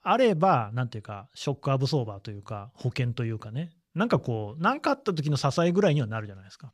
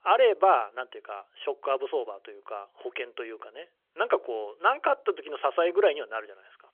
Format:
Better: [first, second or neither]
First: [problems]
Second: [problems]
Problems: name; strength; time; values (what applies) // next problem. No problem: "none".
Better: first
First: none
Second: phone-call audio; nothing above 3.5 kHz